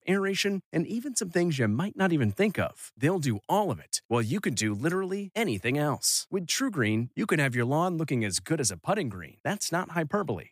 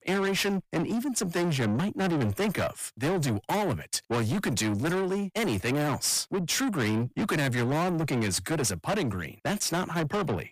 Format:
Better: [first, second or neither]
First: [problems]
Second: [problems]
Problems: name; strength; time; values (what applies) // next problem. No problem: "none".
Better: first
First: none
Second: distortion; heavy; 7 dB below the speech